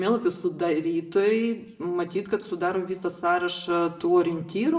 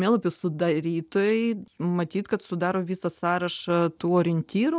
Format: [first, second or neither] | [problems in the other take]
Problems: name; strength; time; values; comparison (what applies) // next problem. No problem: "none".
second | room echo; dies away in 0.7 s